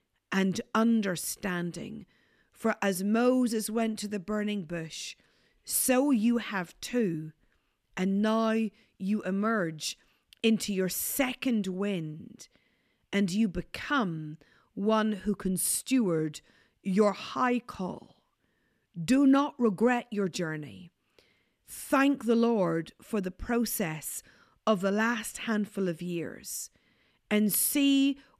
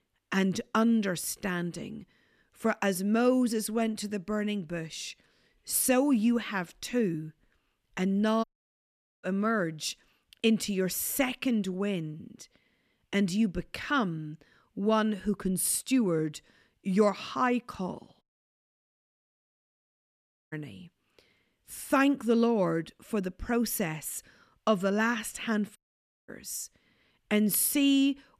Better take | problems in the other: first | audio cutting out; at 8.5 s for 1 s, at 18 s for 2.5 s and at 26 s for 0.5 s

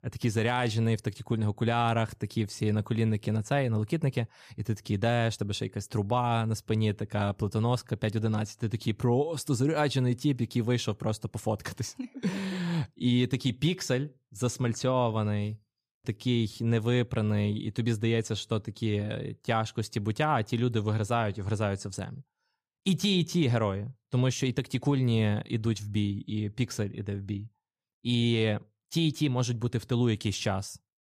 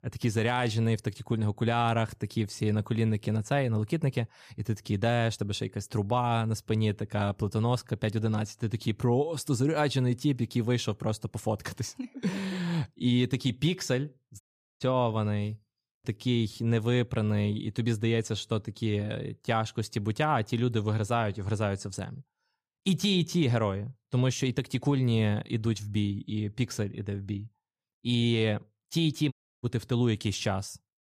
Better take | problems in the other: first | audio cutting out; at 14 s and at 29 s

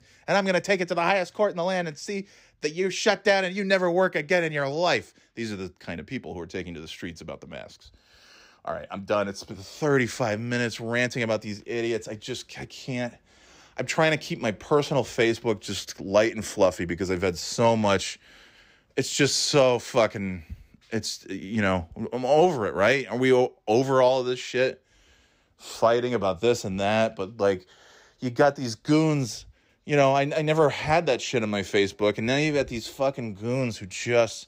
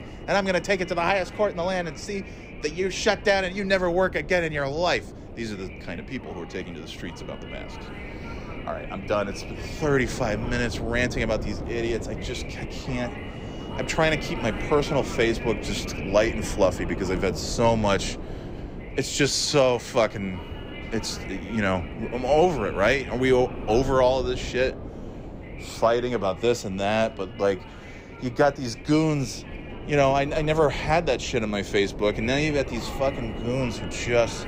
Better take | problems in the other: first | wind noise on the microphone; occasional gusts; 15 dB below the speech

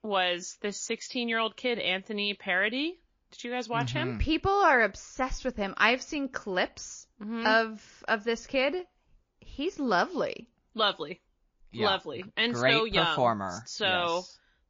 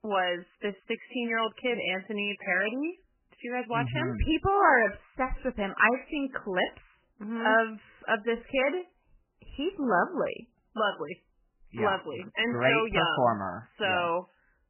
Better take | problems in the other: first | garbled, watery; badly; nothing above 3 kHz; slightly in the first

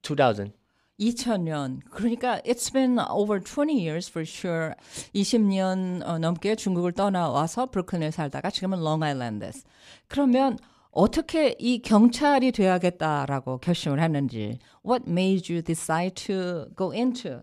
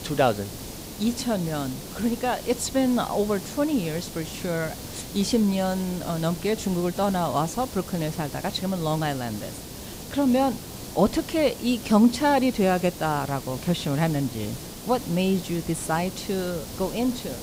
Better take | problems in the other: first | hiss; noticeable; throughout; 10 dB below the speech

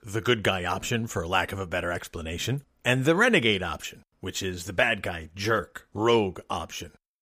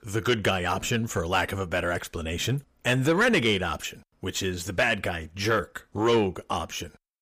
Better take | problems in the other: first | distortion; slight; 10 dB below the speech

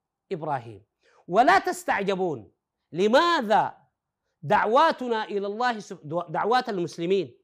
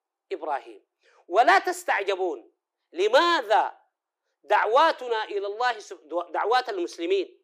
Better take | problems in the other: first | thin; very; fading below 350 Hz

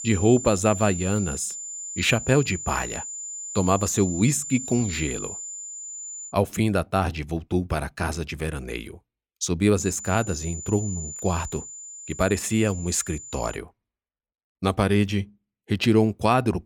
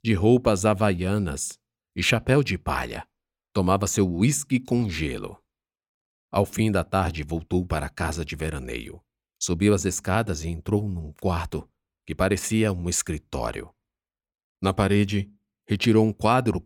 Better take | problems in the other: second | high-pitched whine; loud; until 6.5 s and from 10 to 14 s; 7 kHz, 9 dB below the speech

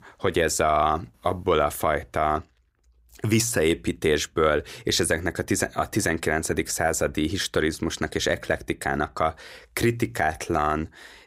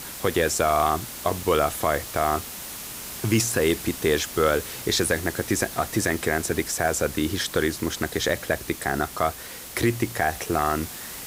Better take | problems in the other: first | hiss; loud; throughout; 10 dB below the speech

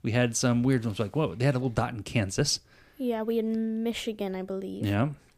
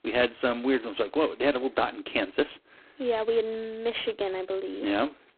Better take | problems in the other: first | phone-call audio; poor line; nothing above 4 kHz

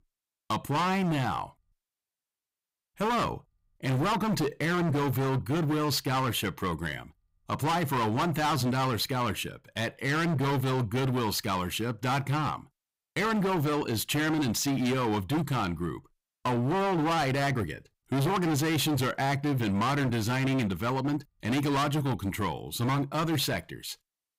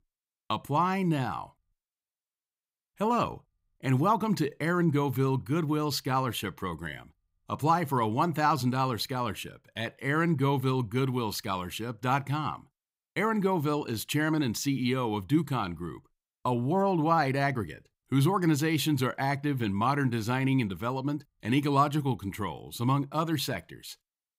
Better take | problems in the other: second | distortion; heavy; 24% of the sound clipped

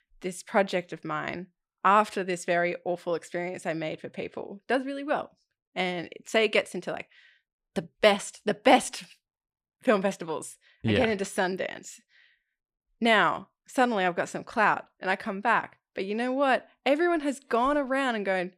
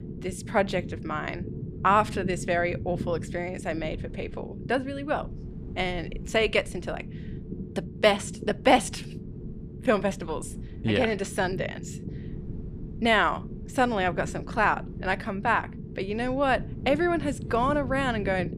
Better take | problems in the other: first | low rumble; noticeable; throughout; 20 dB below the speech

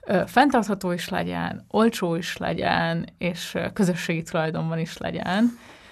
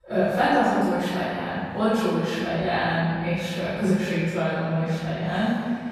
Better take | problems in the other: first | room echo; strong; dies away in 1.9 s // off-mic speech; far

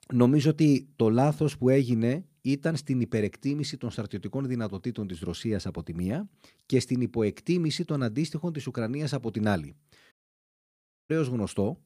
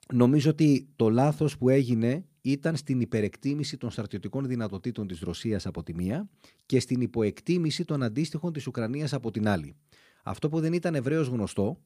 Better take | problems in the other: second | audio cutting out; at 10 s for 1 s

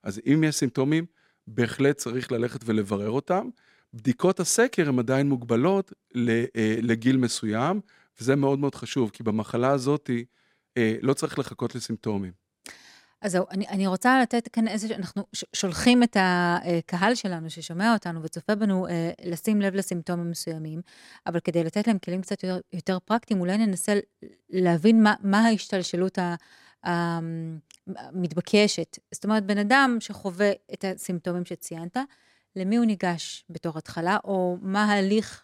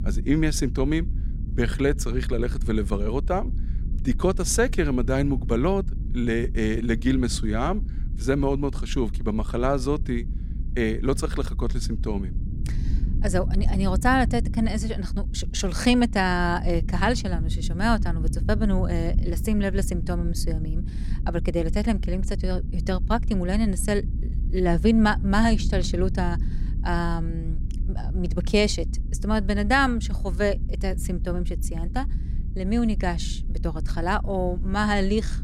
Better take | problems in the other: first | low rumble; noticeable; throughout; 15 dB below the speech

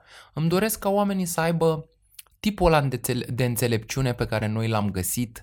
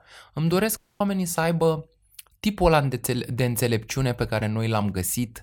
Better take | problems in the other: first | audio cutting out; at 1 s

